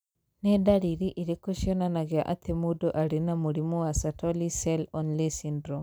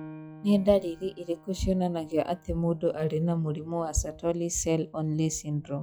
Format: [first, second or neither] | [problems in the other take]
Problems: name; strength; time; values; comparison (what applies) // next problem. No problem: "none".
first | noise reduction (classical method log-MMSE)